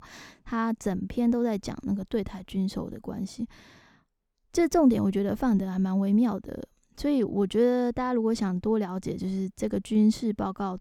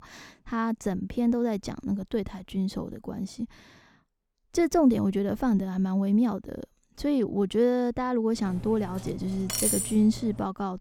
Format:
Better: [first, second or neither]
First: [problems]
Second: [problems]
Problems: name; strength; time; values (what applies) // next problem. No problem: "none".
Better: first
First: none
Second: clattering dishes; loud; from 8.5 s on; peak 2 dB above the speech